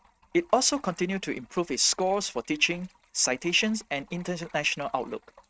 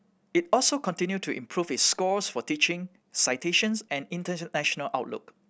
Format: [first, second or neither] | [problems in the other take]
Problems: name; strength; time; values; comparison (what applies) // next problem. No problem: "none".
second | noise reduction (neural mask model RNNoise)